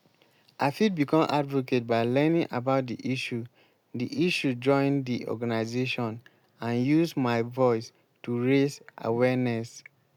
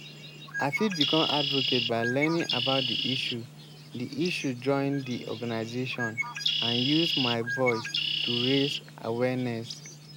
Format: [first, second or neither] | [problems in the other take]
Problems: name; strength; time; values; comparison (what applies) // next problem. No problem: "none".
first | background sound (Bird); 2 dB below the speech